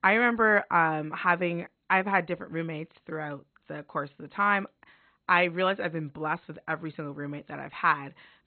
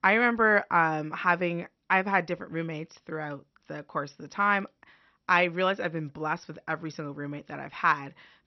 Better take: second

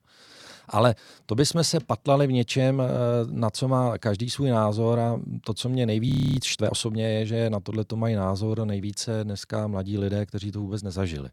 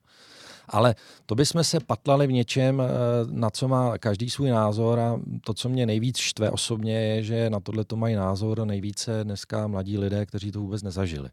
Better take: second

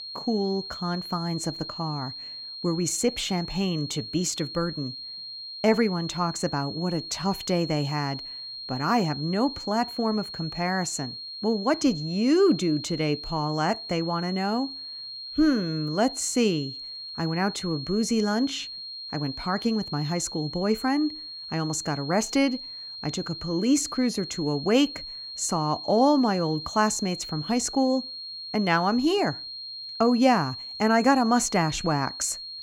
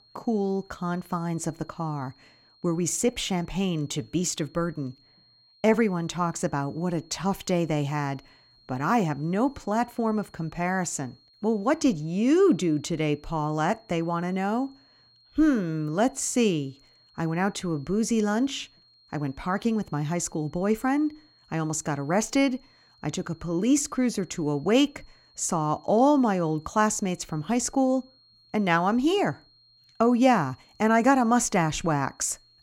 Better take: second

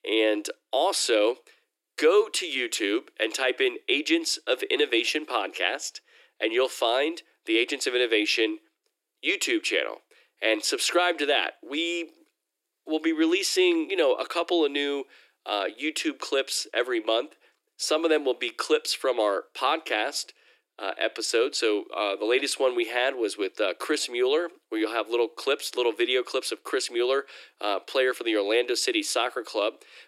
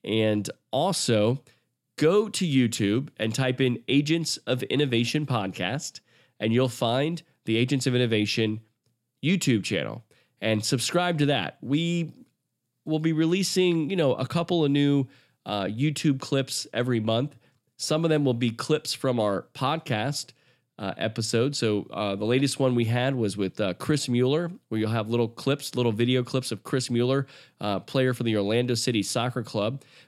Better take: second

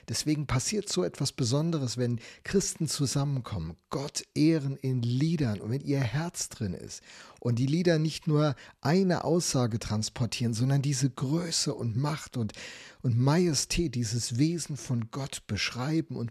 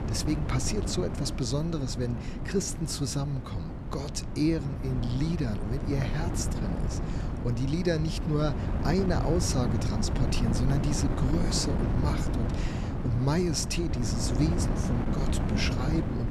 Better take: first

